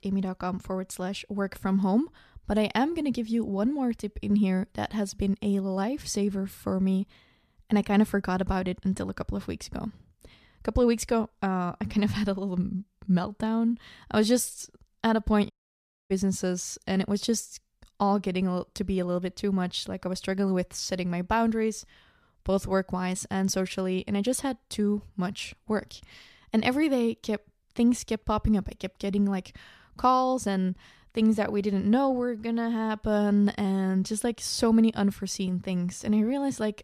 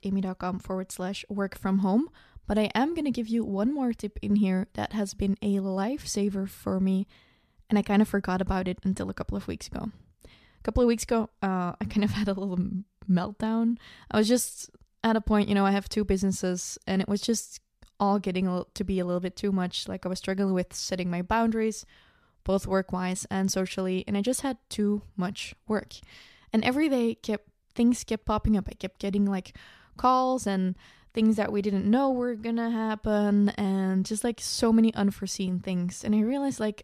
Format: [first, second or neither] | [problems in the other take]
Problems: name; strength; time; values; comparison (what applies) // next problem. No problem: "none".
second | audio cutting out; at 16 s for 0.5 s